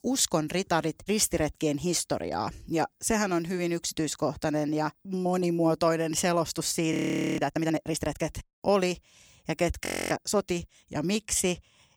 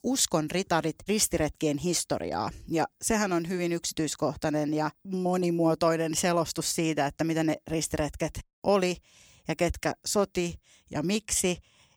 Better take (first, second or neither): second